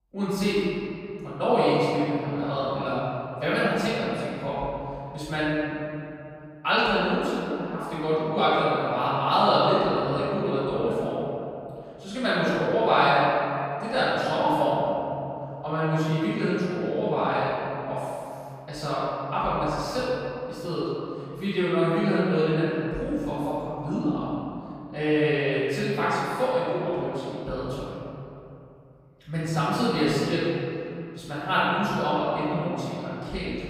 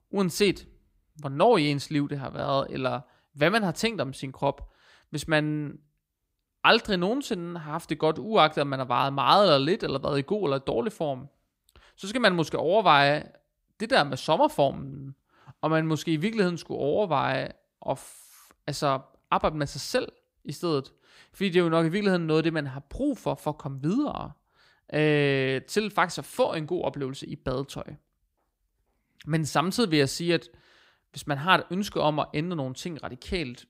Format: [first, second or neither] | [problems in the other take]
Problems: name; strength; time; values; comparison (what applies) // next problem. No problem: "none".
second | off-mic speech; far // room echo; strong; dies away in 2.7 s